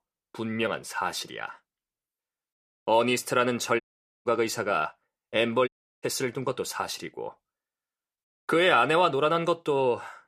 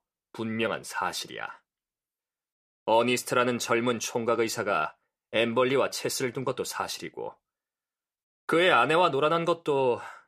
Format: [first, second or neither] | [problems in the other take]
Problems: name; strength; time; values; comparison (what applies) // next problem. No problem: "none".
second | audio cutting out; at 4 s and at 5.5 s